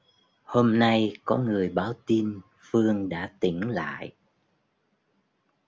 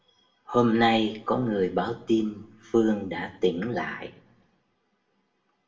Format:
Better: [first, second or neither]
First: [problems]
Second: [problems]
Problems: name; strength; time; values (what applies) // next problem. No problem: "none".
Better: first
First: none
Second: room echo; dies away in 0.4 s